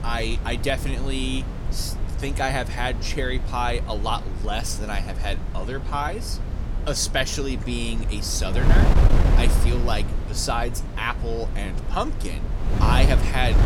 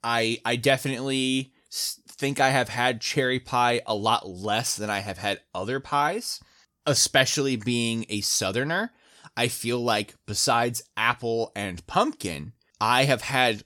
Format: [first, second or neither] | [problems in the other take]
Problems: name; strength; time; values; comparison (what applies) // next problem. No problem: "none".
second | wind noise on the microphone; heavy; 8 dB below the speech